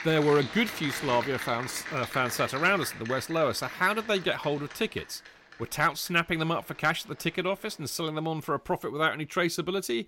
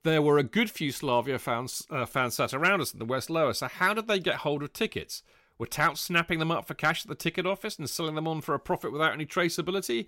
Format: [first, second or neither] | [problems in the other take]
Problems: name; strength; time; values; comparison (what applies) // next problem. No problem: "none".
second | crowd noise; loud; throughout; 10 dB below the speech